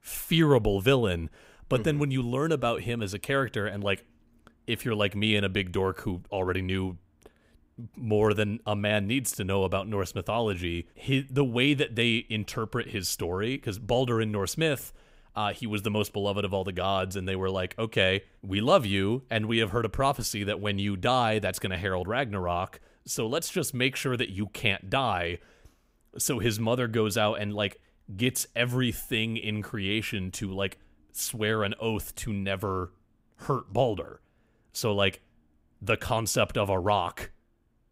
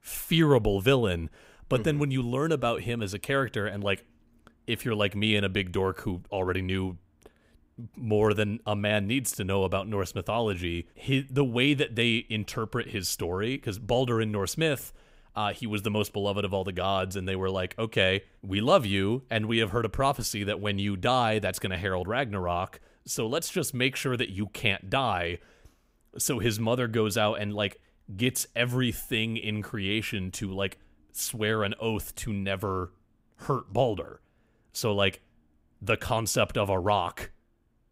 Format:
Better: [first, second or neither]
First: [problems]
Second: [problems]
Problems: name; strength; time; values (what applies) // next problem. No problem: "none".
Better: neither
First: none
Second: none